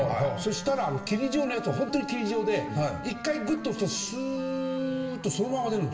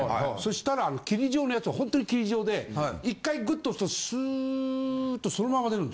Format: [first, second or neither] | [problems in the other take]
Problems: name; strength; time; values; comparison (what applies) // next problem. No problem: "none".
second | background sound (Wind instrument, woodwind instrument); 11 dB below the speech // room echo; dies away in 2.9 s